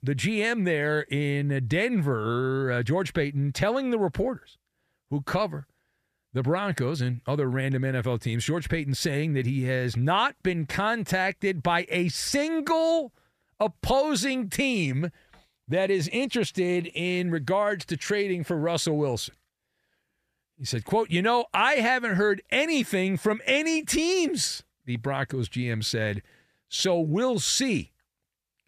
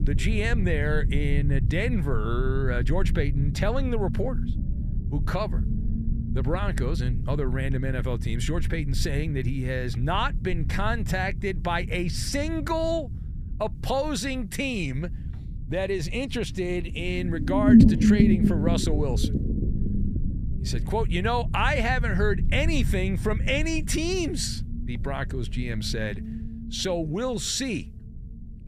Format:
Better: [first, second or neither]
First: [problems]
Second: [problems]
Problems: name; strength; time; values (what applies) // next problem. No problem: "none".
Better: first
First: none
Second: low rumble; loud; throughout; 6 dB below the speech